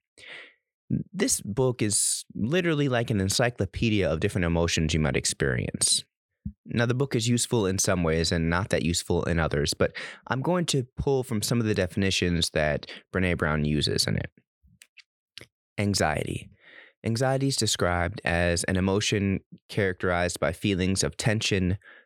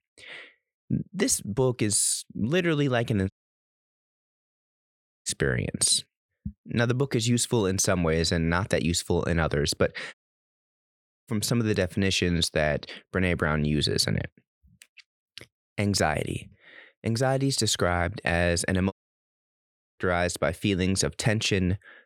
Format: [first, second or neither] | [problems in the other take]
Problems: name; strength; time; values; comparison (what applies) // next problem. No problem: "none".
first | audio cutting out; at 3.5 s for 2 s, at 10 s for 1 s and at 19 s for 1 s